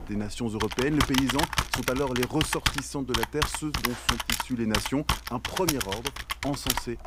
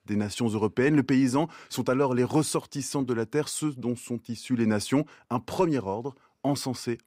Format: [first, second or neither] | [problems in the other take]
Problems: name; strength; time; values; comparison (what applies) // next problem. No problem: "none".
second | keyboard typing; loud; peak 5 dB above the speech